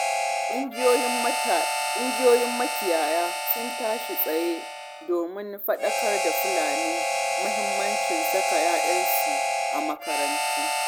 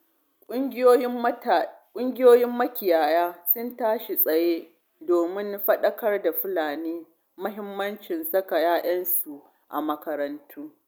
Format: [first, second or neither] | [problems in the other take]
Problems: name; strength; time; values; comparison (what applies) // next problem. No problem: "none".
second | background sound (Harmonica); 2 dB above the speech